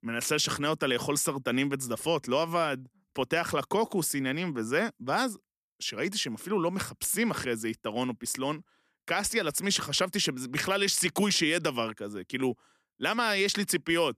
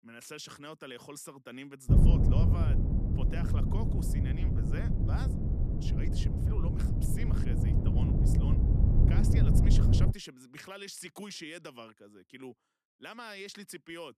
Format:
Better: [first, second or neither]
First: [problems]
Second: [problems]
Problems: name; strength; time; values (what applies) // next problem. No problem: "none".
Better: first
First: none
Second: wind noise on the microphone; heavy; from 2 to 10 s; 4 dB above the speech